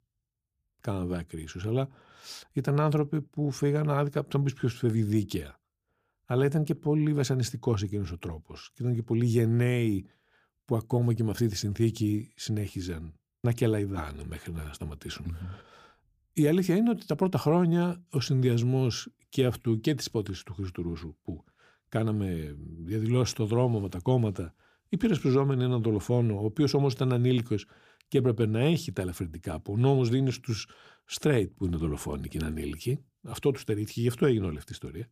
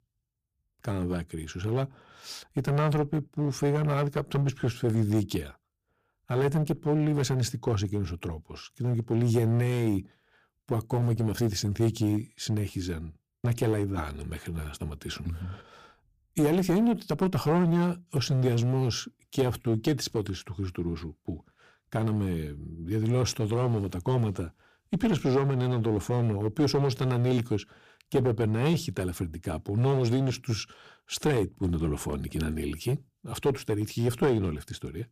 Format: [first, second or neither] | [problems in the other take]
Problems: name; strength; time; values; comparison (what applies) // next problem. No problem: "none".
first | distortion; slight; 6% of the sound clipped